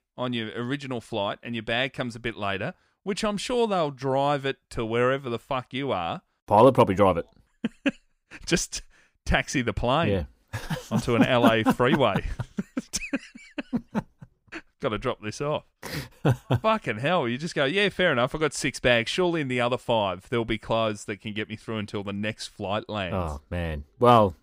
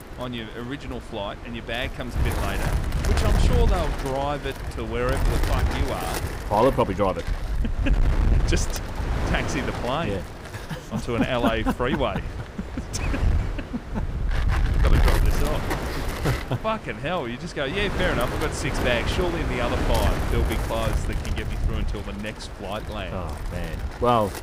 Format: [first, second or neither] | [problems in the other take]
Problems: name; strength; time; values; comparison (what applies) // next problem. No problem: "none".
first | wind noise on the microphone; heavy; 5 dB below the speech